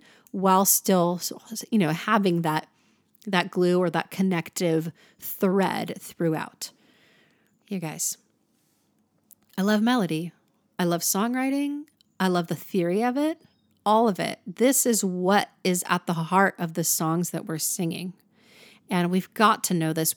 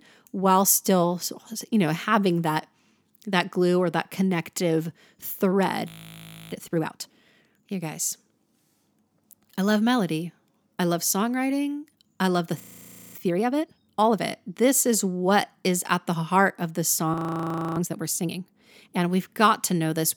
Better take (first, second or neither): first